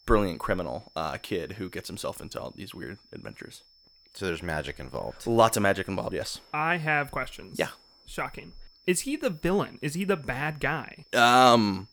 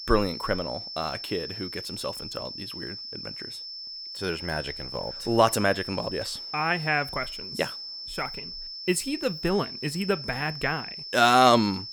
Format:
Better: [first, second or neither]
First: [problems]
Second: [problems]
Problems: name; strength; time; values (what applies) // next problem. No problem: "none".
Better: first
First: high-pitched whine; faint; throughout; 5.5 kHz, 30 dB below the speech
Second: high-pitched whine; loud; throughout; 5.5 kHz, 8 dB below the speech